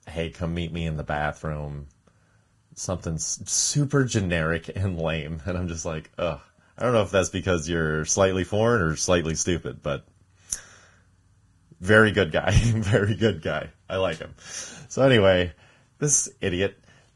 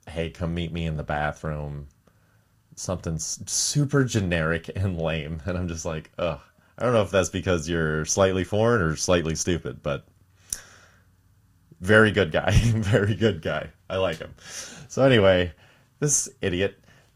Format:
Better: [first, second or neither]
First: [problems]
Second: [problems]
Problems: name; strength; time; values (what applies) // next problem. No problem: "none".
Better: second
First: garbled, watery; badly; nothing above 10.5 kHz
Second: garbled, watery; slightly; nothing above 14.5 kHz